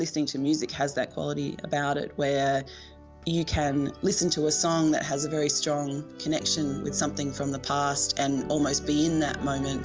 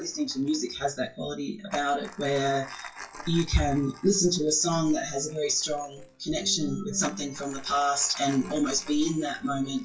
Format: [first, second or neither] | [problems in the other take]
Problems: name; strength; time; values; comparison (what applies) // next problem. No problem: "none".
first | noise reduction (classical method WPE with log-MMSE)